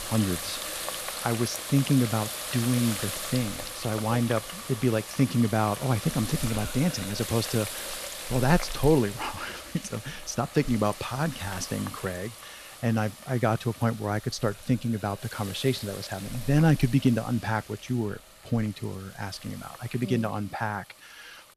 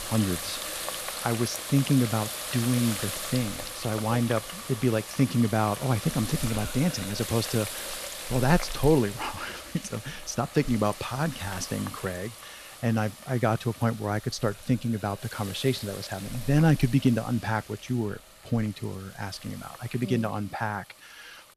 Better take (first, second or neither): neither